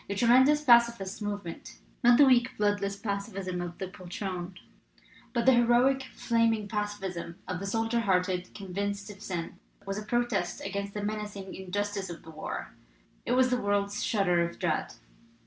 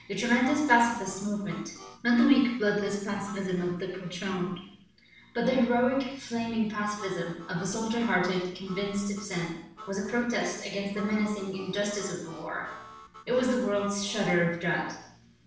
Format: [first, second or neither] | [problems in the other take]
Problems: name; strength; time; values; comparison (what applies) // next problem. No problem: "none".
first | background sound (Harmonica); 19 dB below the speech // room echo; dies away in 0.7 s